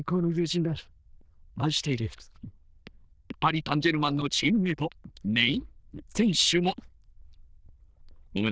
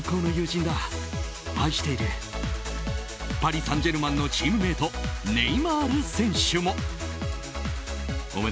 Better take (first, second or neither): second